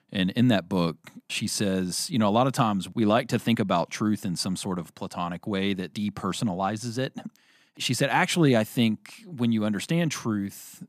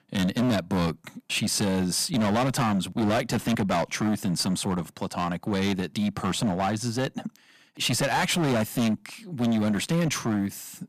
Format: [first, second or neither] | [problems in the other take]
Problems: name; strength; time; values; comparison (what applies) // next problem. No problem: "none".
first | distortion; heavy; 18% of the sound clipped